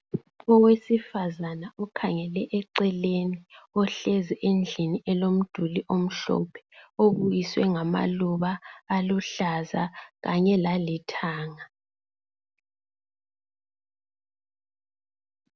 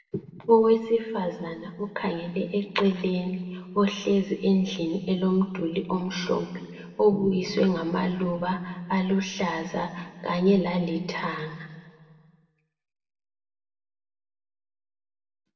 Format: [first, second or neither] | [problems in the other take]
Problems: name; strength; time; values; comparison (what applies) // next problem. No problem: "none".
first | room echo; dies away in 1.5 s